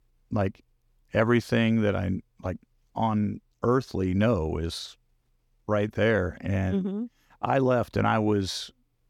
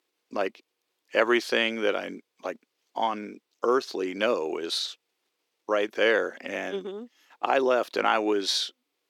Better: first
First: none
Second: thin; somewhat; fading below 350 Hz

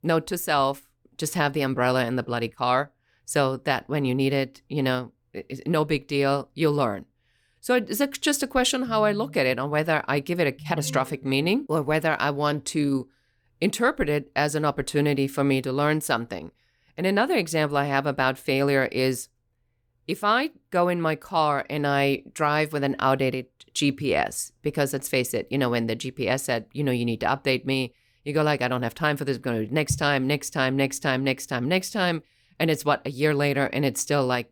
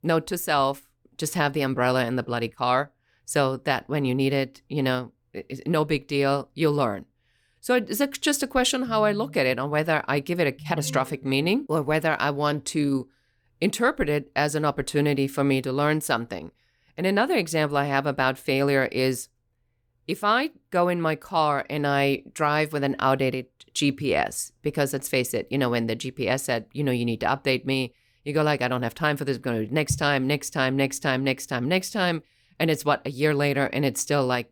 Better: neither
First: none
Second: none

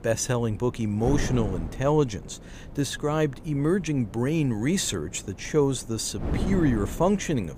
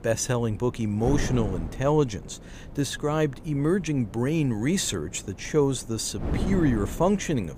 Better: neither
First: wind noise on the microphone; occasional gusts; 15 dB below the speech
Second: wind noise on the microphone; occasional gusts; 15 dB below the speech

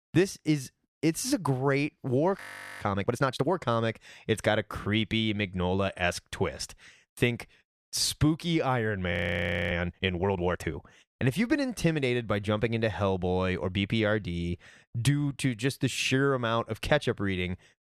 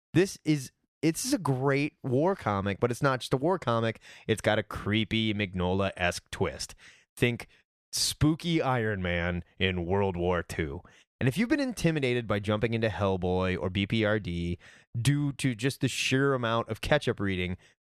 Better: second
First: audio freezing; at 2.5 s and at 9 s for 0.5 s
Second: none

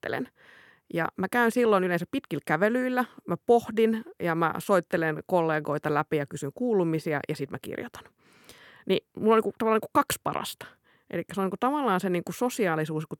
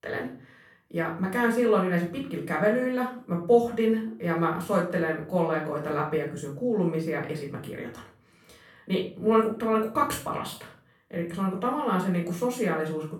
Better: first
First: none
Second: off-mic speech; far // room echo; slight; dies away in 0.4 s

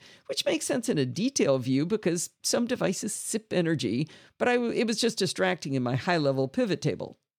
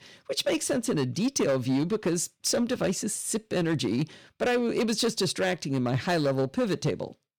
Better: first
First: none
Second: distortion; slight; 9% of the sound clipped

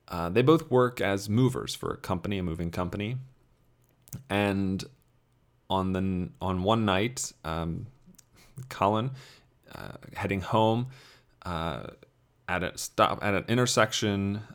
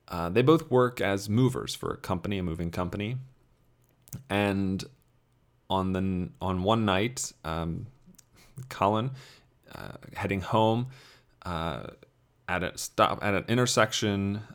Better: neither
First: none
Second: none

